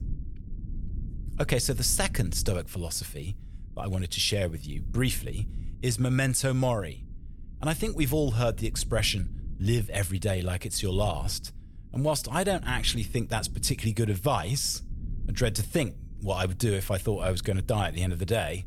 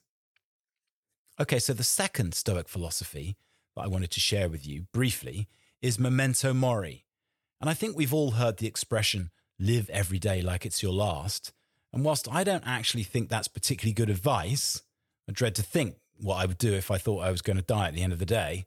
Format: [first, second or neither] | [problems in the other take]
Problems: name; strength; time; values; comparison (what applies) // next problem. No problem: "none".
second | low rumble; faint; throughout; 25 dB below the speech